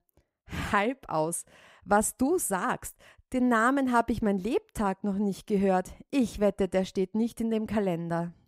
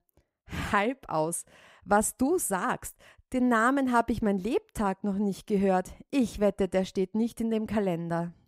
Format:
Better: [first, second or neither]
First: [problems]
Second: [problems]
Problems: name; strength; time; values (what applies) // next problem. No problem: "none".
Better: neither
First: none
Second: none